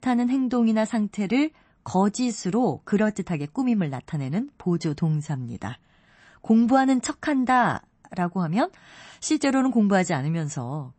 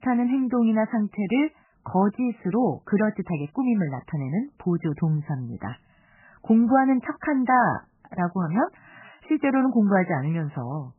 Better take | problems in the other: first | garbled, watery; badly; nothing above 3 kHz; slightly in the first

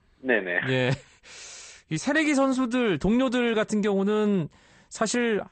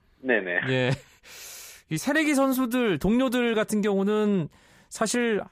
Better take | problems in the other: second | garbled, watery; slightly; nothing above 8.5 kHz

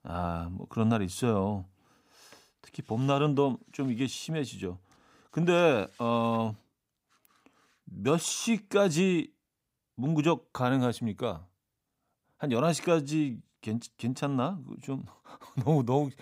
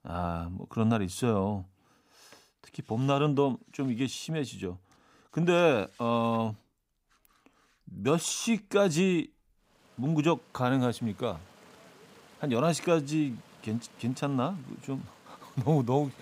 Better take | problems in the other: first | rain or running water; faint; throughout; 25 dB below the speech

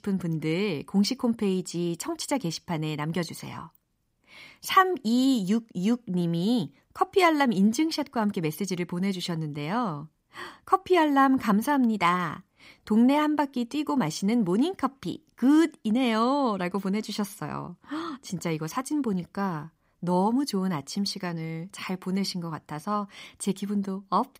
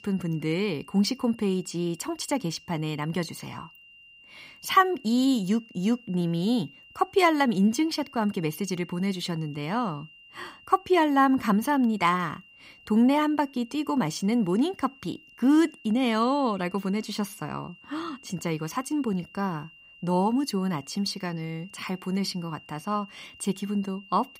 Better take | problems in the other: first | high-pitched whine; faint; throughout; 3 kHz, 25 dB below the speech

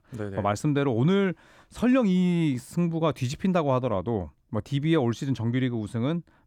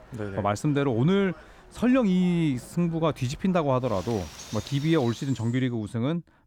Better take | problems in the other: first | animal sounds; noticeable; until 5 s; 20 dB below the speech

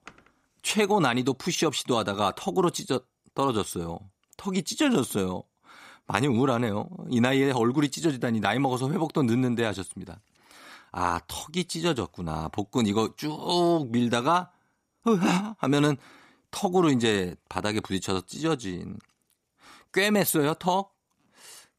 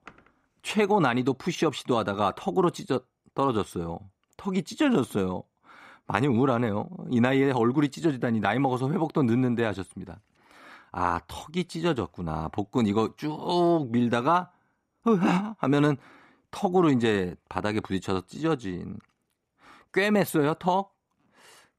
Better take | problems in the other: first | muffled; slightly; fading above 3 kHz

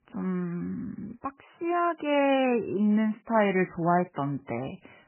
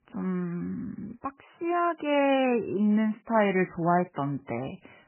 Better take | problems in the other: neither | garbled, watery; badly; nothing above 3 kHz; the same in both

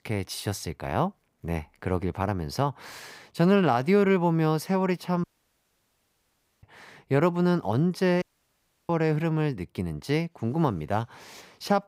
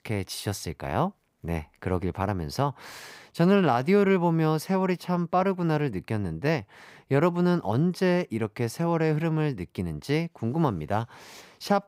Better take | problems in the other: second | audio cutting out; at 5 s for 1.5 s and at 8 s for 0.5 s

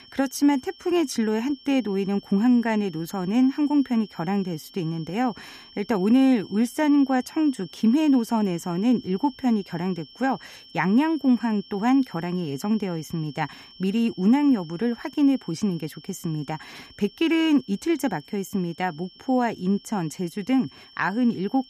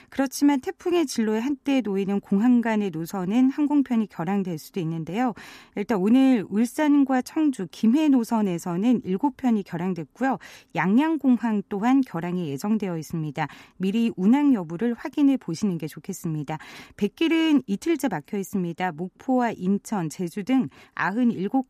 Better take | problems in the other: second | high-pitched whine; faint; throughout; 5.5 kHz, 20 dB below the speech

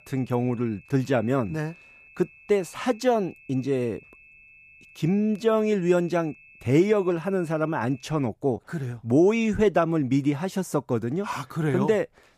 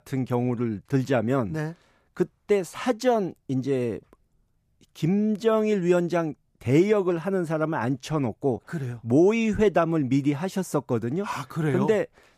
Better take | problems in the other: second | high-pitched whine; faint; until 8 s; 2.5 kHz, 25 dB below the speech

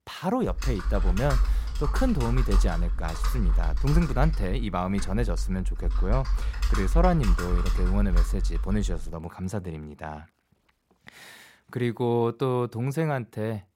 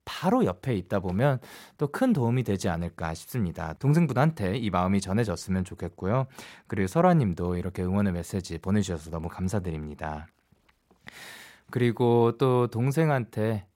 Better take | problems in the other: second | keyboard typing; loud; until 9 s; peak 3 dB above the speech

